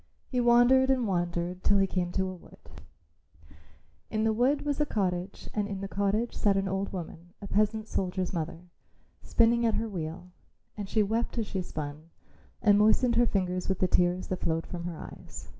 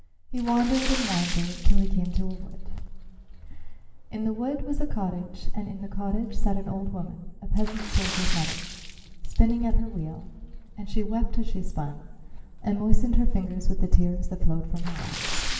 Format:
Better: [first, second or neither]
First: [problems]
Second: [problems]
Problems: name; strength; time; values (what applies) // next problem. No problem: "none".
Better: first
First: none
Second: background sound (Splash, splatter); 17 dB below the speech // room echo; dies away in 2.4 s